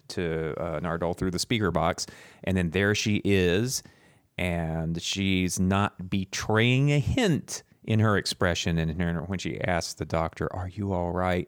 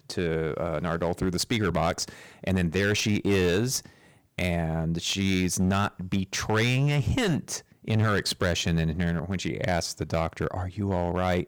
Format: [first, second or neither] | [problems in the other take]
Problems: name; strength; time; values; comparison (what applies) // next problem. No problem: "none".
first | distortion; slight; 9% of the sound clipped